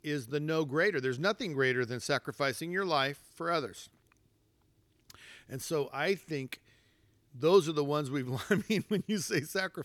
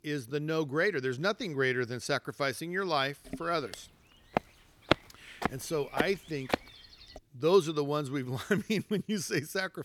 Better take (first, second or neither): first